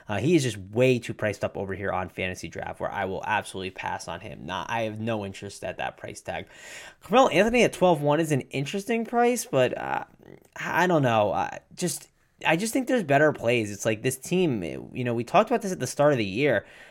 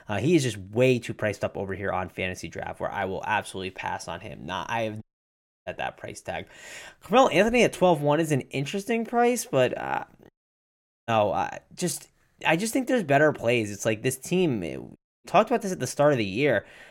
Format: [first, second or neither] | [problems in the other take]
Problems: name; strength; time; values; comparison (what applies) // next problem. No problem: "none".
first | audio cutting out; at 5 s for 0.5 s, at 10 s for 1 s and at 15 s